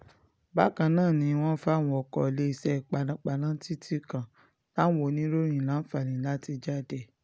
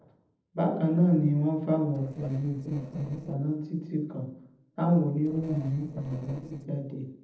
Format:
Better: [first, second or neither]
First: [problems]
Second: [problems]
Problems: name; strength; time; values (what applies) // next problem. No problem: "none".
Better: first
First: none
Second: noise reduction (neural separator model SepFormer DNS4)